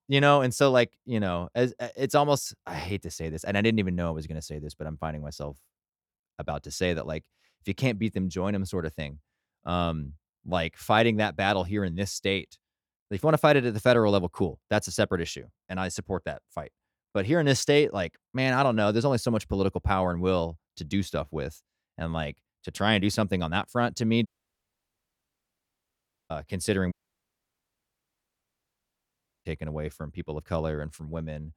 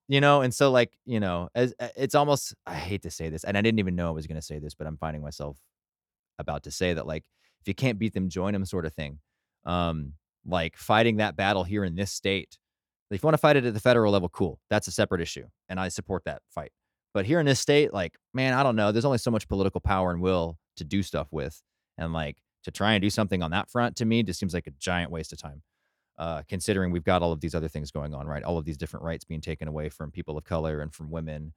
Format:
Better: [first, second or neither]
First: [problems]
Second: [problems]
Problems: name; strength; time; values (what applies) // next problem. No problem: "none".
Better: second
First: audio cutting out; at 24 s for 2 s and at 27 s for 2.5 s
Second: none